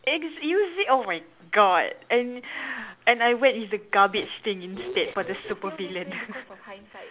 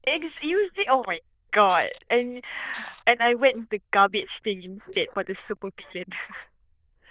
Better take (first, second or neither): first